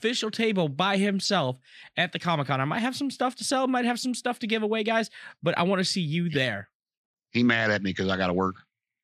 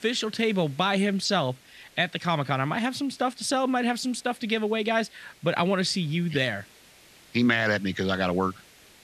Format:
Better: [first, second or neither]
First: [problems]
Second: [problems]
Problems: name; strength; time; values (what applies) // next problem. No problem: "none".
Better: first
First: none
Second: hiss; faint; throughout; 25 dB below the speech